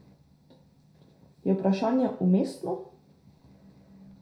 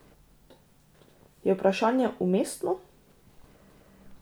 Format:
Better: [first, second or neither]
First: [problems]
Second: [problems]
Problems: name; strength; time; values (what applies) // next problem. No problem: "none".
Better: second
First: room echo; dies away in 0.5 s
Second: none